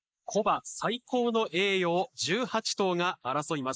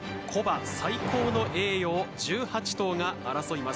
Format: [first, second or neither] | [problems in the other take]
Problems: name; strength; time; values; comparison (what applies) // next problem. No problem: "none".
second | noise reduction (neural mask model Resemble Enhance denoiser)